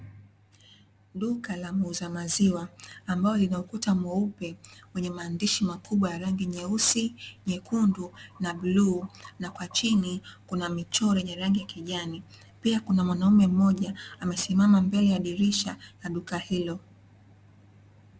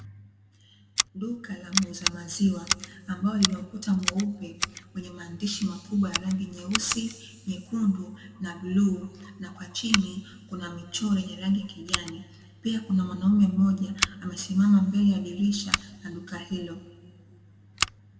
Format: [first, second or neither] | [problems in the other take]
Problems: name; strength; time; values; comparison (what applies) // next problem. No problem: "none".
first | background sound (Scissors); 7 dB below the speech // room echo; dies away in 1.4 s